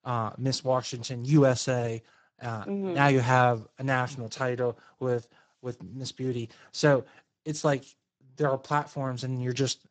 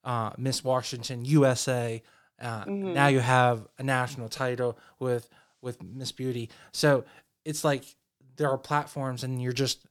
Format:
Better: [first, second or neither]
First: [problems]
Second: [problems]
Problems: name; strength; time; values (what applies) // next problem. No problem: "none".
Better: second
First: garbled, watery; badly; nothing above 7.5 kHz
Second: none